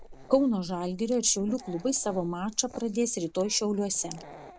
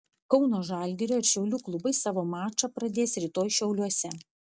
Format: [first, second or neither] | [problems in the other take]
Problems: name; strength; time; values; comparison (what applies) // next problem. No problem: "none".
second | background sound (Dog); 19 dB below the speech